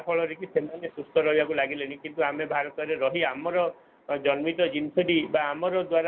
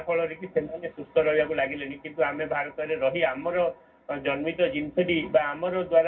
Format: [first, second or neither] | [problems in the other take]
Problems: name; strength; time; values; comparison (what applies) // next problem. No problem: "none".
first | room echo; dies away in 0.4 s